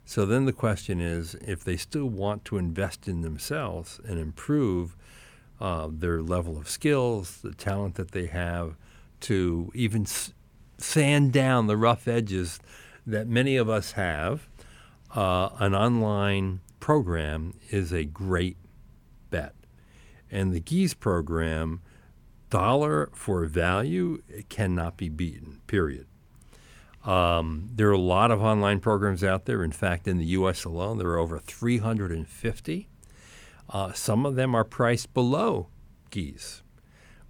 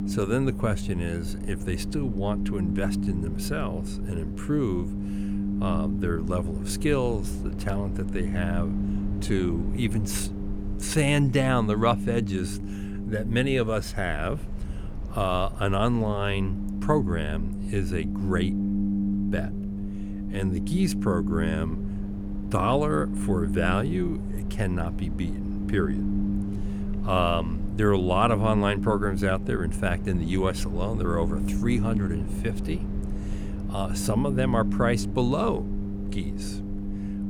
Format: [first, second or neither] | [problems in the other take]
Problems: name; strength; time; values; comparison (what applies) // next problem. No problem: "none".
first | low rumble; loud; throughout; 9 dB below the speech